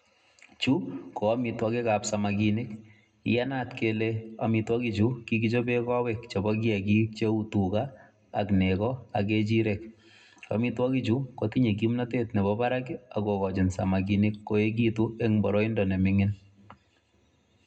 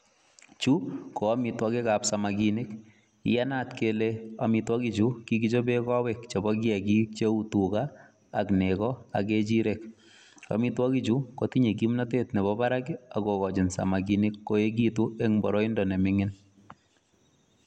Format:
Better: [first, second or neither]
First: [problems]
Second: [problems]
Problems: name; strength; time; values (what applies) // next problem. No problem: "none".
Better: second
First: room echo; dies away in 0.2 s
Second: none